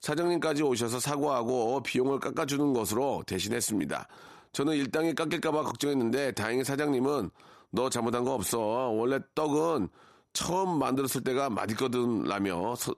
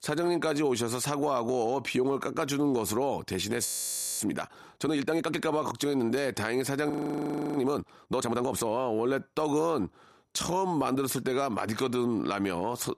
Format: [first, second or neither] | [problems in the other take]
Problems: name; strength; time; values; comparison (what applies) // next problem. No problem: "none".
first | audio freezing; at 3.5 s for 0.5 s and at 7 s for 0.5 s